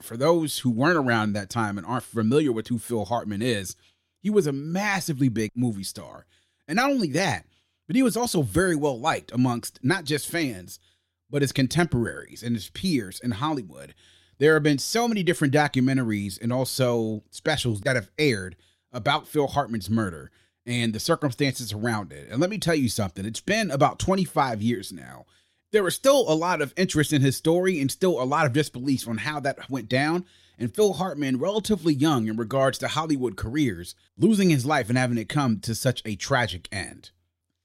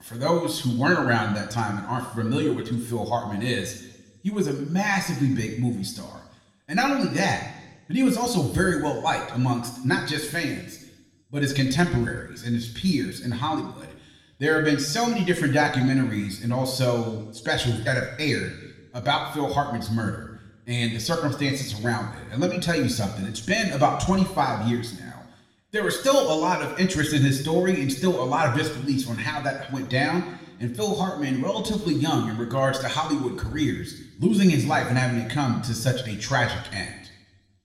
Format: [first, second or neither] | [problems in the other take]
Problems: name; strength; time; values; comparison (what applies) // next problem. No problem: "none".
first | room echo; slight; dies away in 0.9 s // off-mic speech; somewhat distant